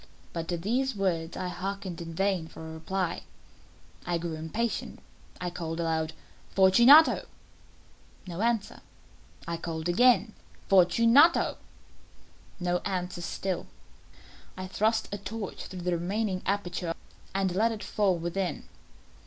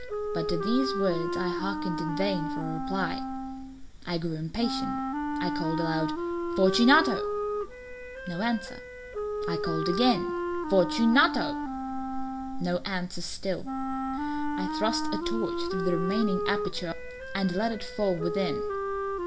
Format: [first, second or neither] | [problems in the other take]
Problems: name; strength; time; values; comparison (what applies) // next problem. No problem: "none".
first | background sound (Wind instrument, woodwind instrument); 3 dB below the speech // room echo; dies away in 0.6 s